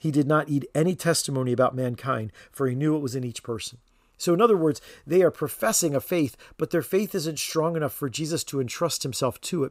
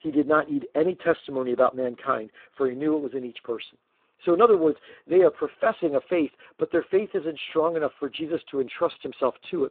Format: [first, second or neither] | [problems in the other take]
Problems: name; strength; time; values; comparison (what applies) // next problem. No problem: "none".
first | phone-call audio; poor line; nothing above 3.5 kHz